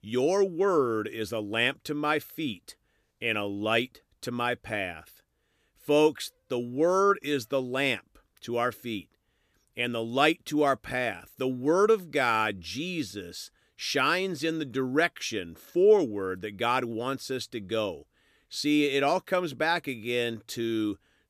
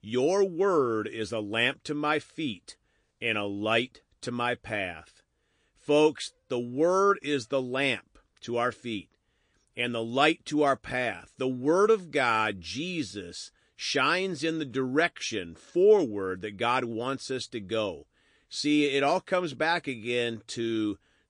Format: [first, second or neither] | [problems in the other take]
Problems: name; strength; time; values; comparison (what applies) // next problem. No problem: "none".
first | garbled, watery; slightly; nothing above 8.5 kHz